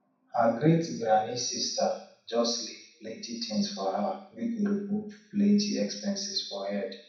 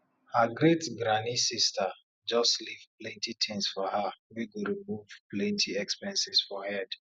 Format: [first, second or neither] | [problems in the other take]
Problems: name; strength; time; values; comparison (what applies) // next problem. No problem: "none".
second | room echo; dies away in 0.6 s